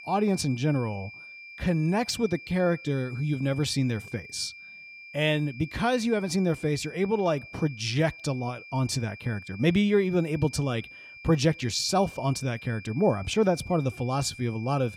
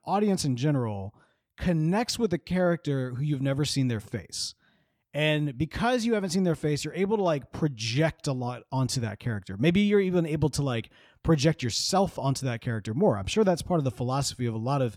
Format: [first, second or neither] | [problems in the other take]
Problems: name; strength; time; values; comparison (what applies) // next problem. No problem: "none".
second | high-pitched whine; noticeable; throughout; 2.5 kHz, 15 dB below the speech